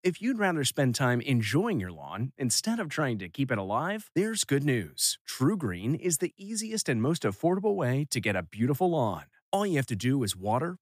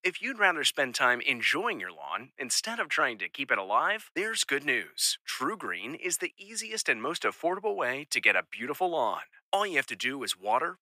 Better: first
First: none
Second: thin; very; fading below 500 Hz

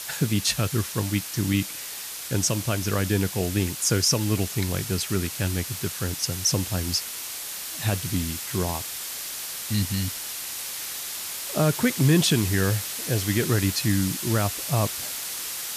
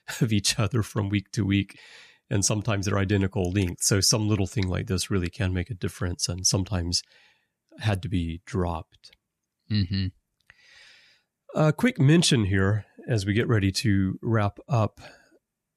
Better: second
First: hiss; loud; throughout; 5 dB below the speech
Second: none

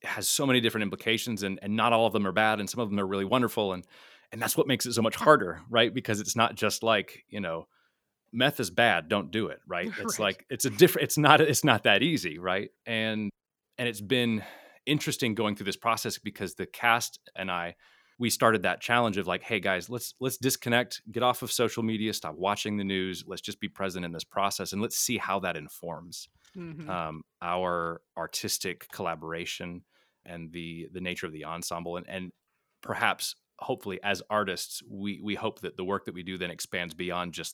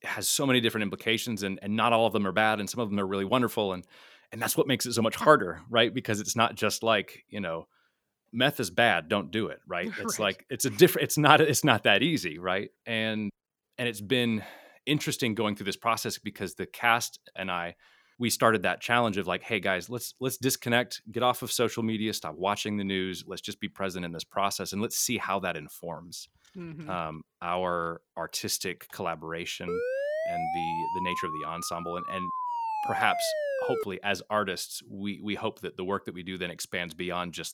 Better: first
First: none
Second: siren; noticeable; from 30 to 34 s; peak 2 dB below the speech

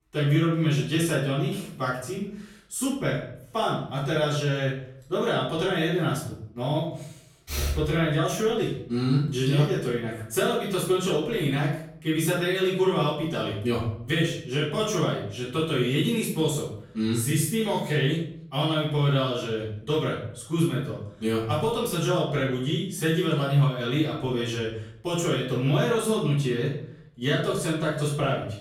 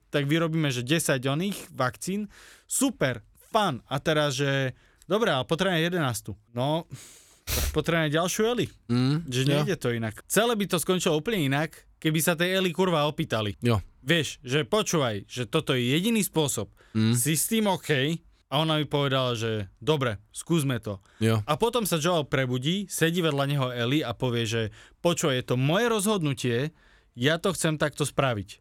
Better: second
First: off-mic speech; far // room echo; noticeable; dies away in 0.5 s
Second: none

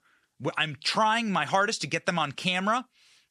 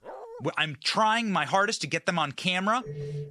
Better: first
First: none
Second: dog barking; faint; at the start; peak 15 dB below the speech // phone ringing; noticeable; at 3 s; peak 9 dB below the speech

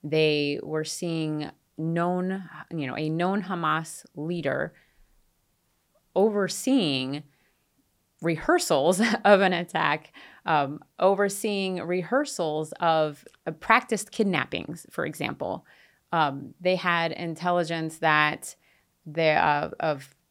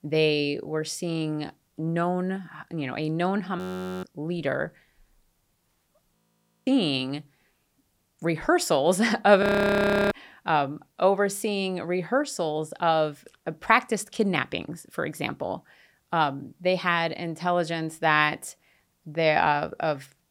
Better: first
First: none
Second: audio freezing; at 3.5 s, at 6 s for 0.5 s and at 9.5 s for 0.5 s

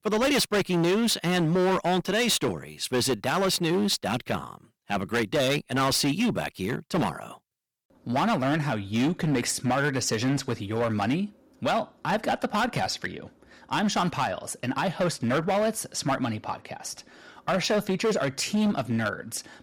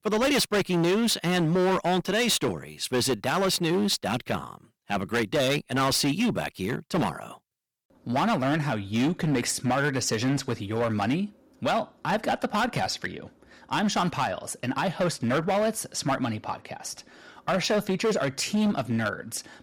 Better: neither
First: distortion; heavy; 12% of the sound clipped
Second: distortion; heavy; 12% of the sound clipped

